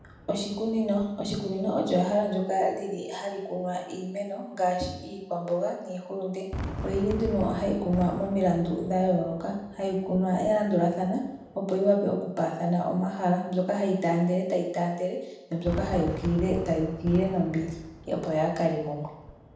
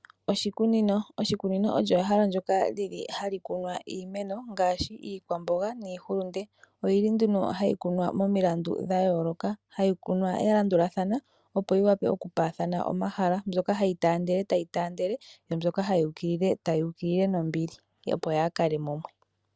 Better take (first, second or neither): second